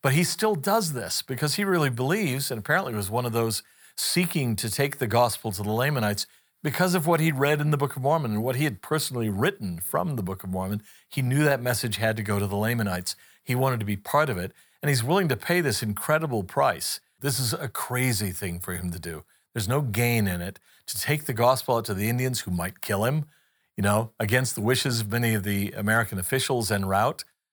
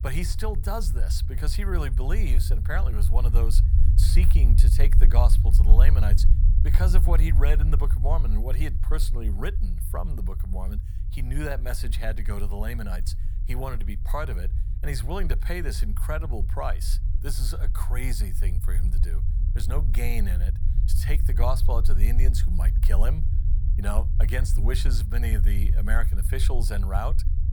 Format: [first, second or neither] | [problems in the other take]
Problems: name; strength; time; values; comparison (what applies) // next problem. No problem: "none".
first | low rumble; loud; throughout; 9 dB below the speech